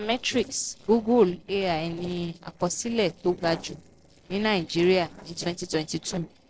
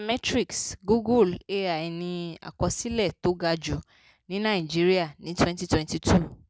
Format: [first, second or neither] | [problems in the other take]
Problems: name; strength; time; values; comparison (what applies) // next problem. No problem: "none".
second | noise reduction (neural separator model SepFormer DNS4)